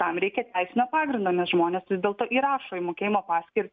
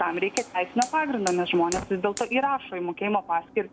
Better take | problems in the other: first | background sound (Fire); 14 dB below the speech

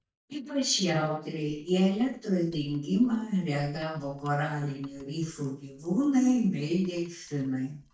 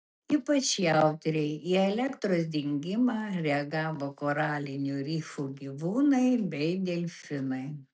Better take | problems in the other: second | noise reduction (neural mask model DeepFilterNet 3)

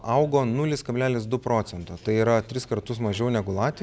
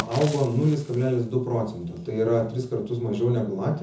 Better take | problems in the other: first | background sound (Fire); 19 dB below the speech // room echo; dies away in 0.5 s

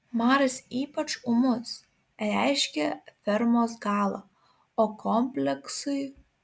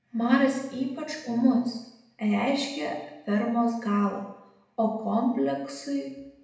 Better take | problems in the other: first | room echo; dies away in 0.8 s

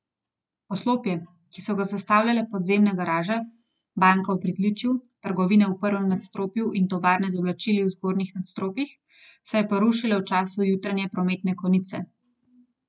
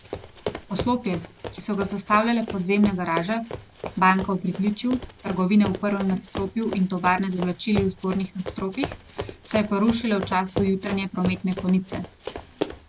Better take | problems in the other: first | background sound (Run); 10 dB below the speech

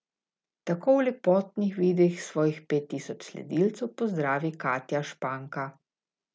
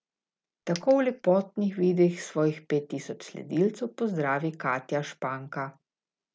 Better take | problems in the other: first | background sound (Coin (dropping)); 17 dB below the speech

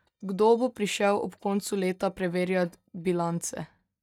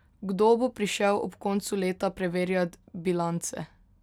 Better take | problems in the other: second | noise reduction (neural mask model DeepFilterNet 3)

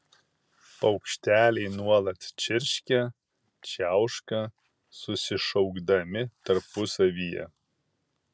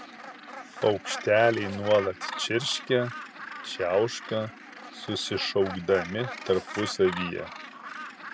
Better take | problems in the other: first | background sound (Gull, seagull); 11 dB below the speech

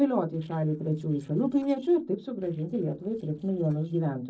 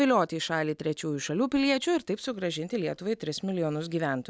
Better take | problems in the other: second | noise reduction (neural separator model SepFormer DNS4)

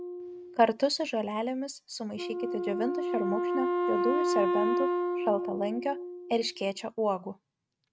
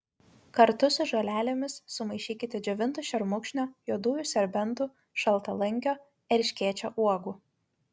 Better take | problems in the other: second | noise reduction (neural mask model RNNoise)

